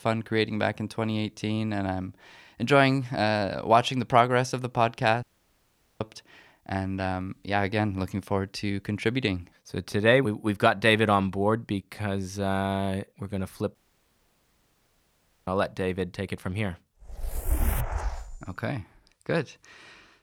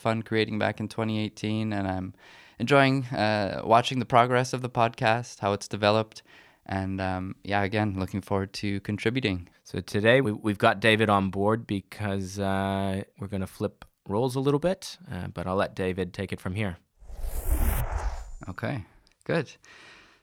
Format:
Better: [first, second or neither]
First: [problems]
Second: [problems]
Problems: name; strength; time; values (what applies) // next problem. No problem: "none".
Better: second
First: audio cutting out; at 5 s for 1 s and at 14 s for 1.5 s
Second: none